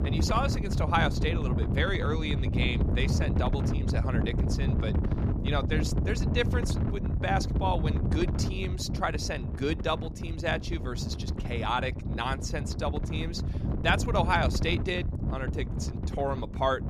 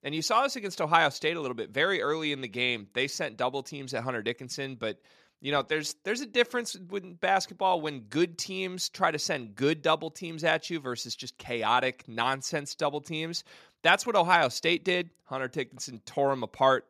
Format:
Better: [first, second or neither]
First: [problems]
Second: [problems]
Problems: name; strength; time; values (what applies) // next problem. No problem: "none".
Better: second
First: wind noise on the microphone; heavy; 8 dB below the speech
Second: none